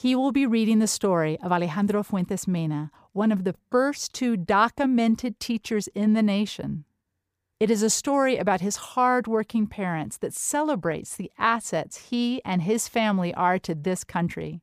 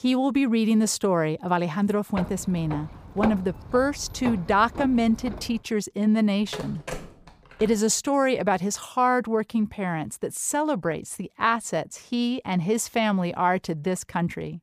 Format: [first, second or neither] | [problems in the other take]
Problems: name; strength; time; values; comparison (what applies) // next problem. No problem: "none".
first | footsteps; noticeable; from 2 to 5.5 s; peak 6 dB below the speech // phone ringing; faint; from 6.5 to 8 s; peak 10 dB below the speech